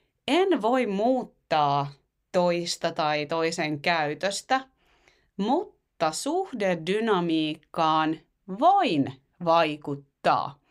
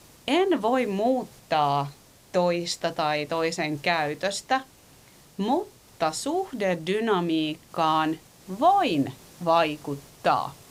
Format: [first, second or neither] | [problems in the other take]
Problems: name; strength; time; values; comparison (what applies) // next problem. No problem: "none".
first | hiss; faint; throughout; 25 dB below the speech